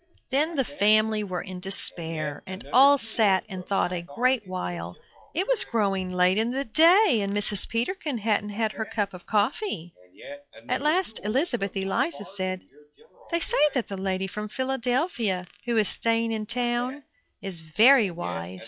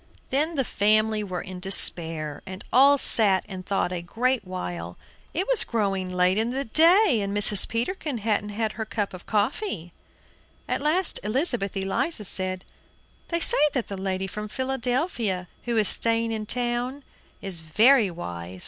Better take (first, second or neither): second